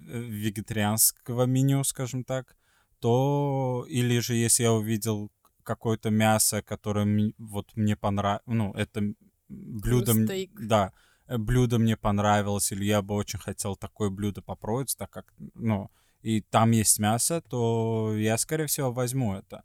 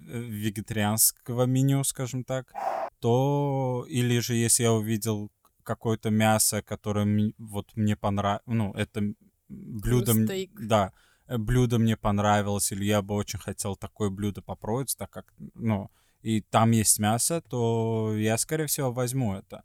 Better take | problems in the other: first | dog barking; noticeable; at 2.5 s; peak 5 dB below the speech

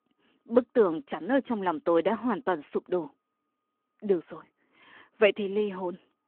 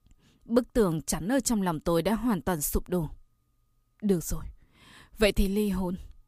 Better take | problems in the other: second | phone-call audio

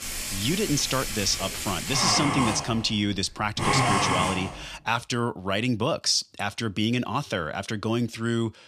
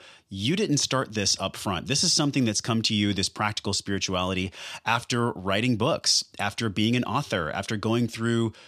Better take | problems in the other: second | household noises; loud; until 4.5 s; 1 dB below the speech

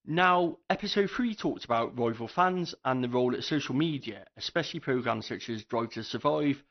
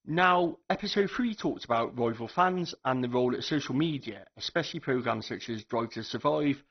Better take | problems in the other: first | garbled, watery; badly; nothing above 6 kHz; slightly in the first

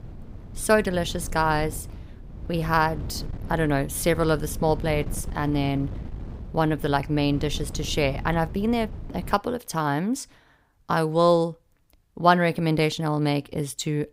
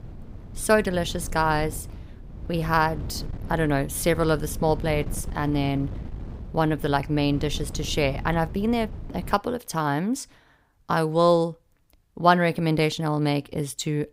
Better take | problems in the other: neither | wind noise on the microphone; occasional gusts; until 9.5 s; 20 dB below the speech; the same in both

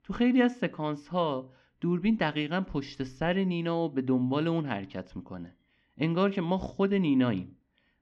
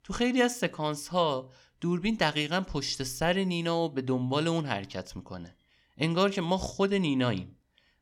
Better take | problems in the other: second | muffled; slightly; fading above 2.5 kHz

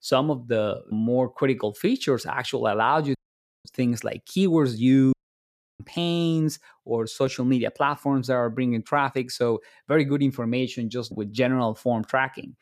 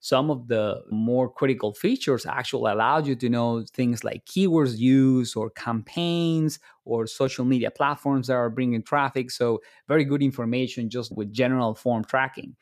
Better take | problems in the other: second | audio cutting out; at 3 s for 0.5 s and at 5 s for 0.5 s

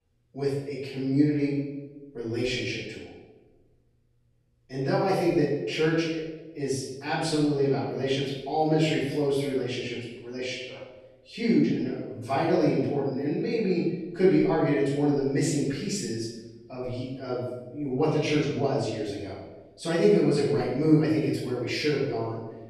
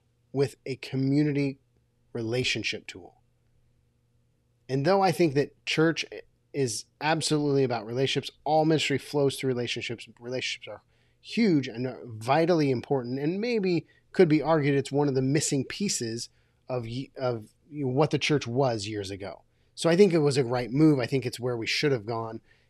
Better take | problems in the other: second | off-mic speech; far // room echo; strong; dies away in 1 s

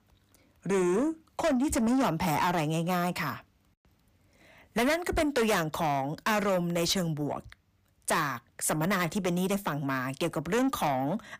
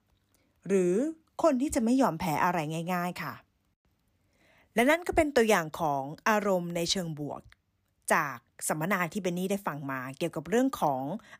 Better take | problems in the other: second | distortion; heavy; 7 dB below the speech

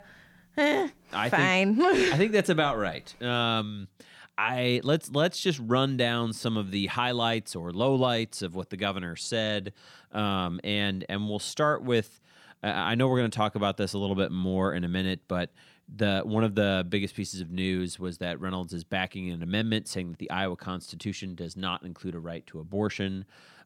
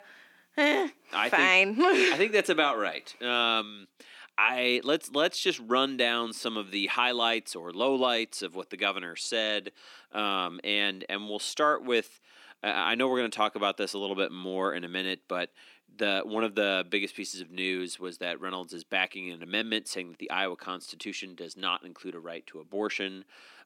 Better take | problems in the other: first | thin; somewhat; fading below 300 Hz

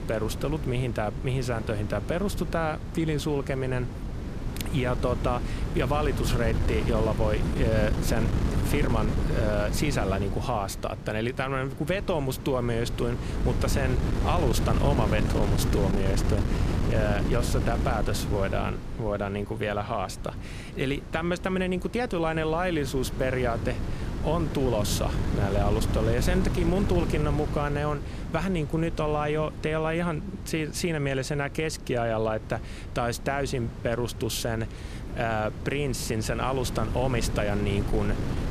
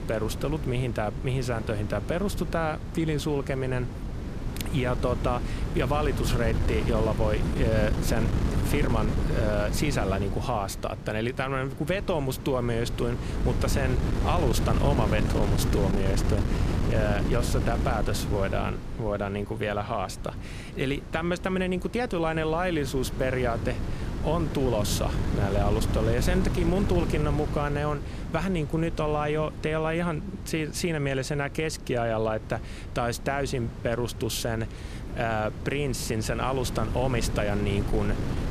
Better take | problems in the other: neither | wind noise on the microphone; heavy; 9 dB below the speech; the same in both

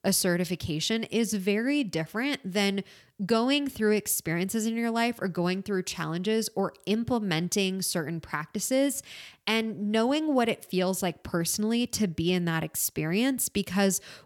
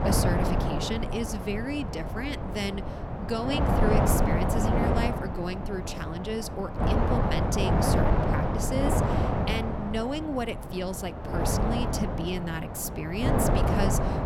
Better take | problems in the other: first | wind noise on the microphone; heavy; 3 dB above the speech

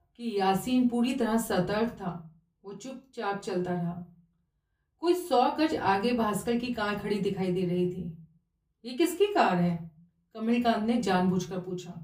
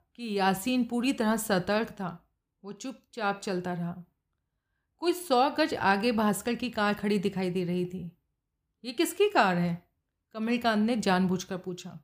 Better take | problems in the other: second | off-mic speech; far // room echo; very slight; dies away in 0.3 s

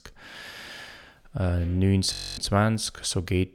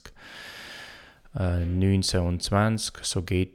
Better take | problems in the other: second | audio freezing; at 2 s

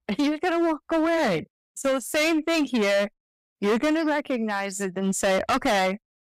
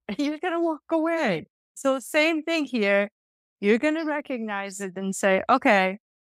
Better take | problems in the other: second | distortion; heavy; 15% of the sound clipped

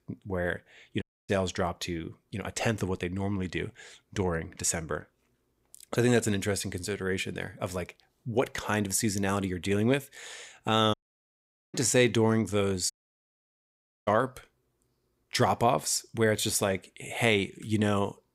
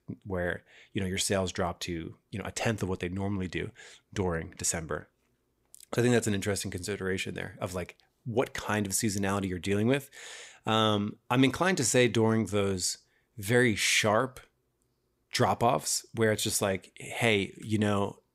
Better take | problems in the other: second | audio cutting out; at 1 s, at 11 s for 1 s and at 13 s for 1 s

